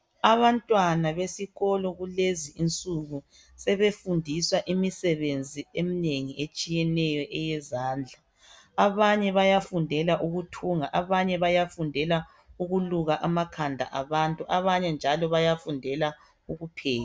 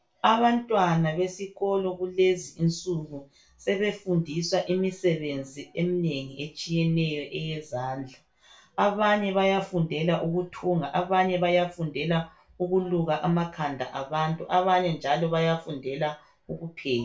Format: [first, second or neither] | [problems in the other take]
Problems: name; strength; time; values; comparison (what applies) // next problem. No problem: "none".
first | room echo; dies away in 0.3 s